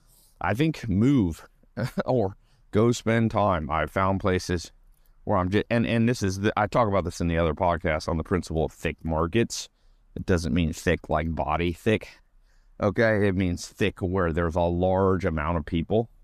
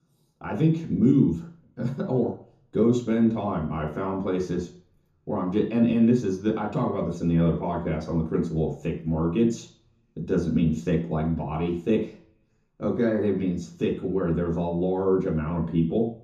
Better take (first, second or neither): first